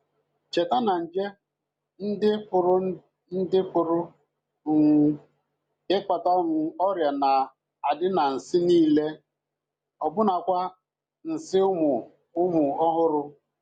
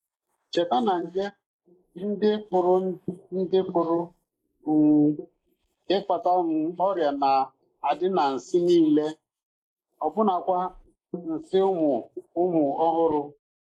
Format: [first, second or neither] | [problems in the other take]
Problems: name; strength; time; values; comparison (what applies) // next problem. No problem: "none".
first | noise reduction (neural mask model Resemble Enhance denoiser)